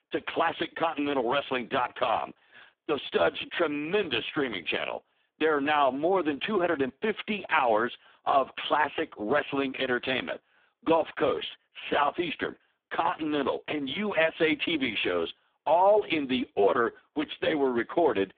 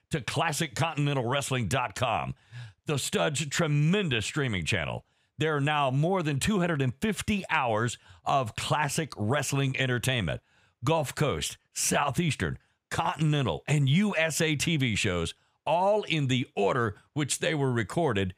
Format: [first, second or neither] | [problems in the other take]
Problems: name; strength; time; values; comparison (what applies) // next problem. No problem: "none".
second | phone-call audio; poor line